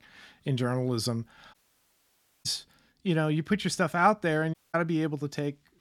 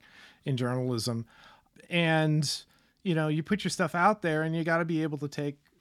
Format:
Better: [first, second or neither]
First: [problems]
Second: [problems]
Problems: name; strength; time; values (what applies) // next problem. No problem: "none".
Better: second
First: audio cutting out; at 1.5 s for 1 s and at 4.5 s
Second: none